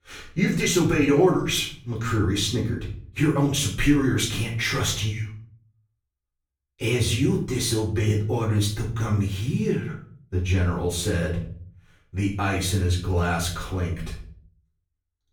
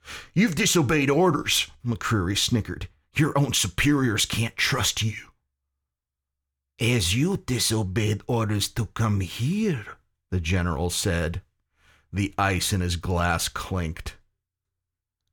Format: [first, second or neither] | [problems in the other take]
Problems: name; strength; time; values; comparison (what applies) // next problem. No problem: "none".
second | room echo; slight; dies away in 0.5 s // off-mic speech; far